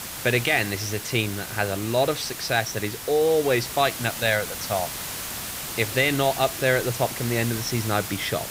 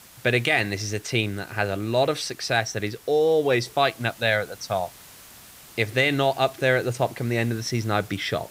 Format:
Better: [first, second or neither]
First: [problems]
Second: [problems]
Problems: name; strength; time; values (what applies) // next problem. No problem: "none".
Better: second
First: hiss; loud; throughout; 7 dB below the speech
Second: hiss; faint; throughout; 20 dB below the speech